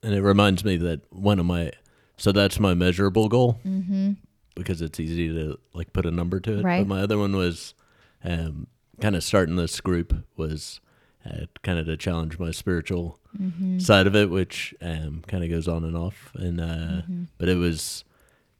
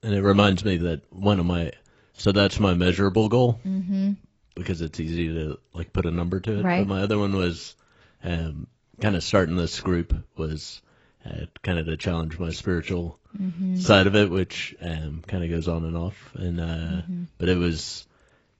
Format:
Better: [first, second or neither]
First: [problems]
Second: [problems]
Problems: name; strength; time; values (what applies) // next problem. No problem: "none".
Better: first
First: none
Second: garbled, watery; badly; nothing above 7.5 kHz